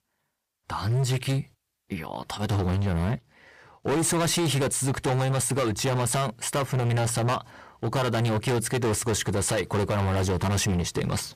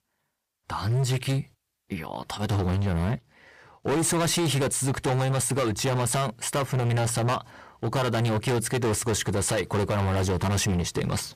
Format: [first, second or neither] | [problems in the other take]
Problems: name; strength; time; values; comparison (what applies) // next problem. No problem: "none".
neither | distortion; heavy; 23% of the sound clipped; the same in both